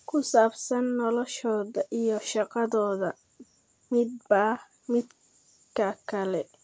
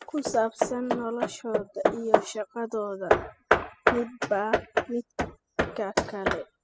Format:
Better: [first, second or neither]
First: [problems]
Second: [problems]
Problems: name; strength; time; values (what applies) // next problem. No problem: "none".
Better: first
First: none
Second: noise reduction (classical method spectral subtraction)